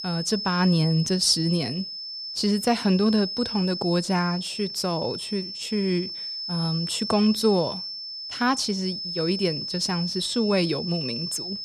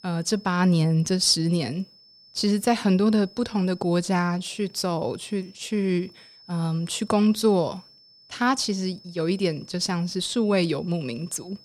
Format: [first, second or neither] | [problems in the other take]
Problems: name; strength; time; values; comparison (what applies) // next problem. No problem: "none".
second | high-pitched whine; loud; throughout; 5.5 kHz, 6 dB below the speech; faint in the second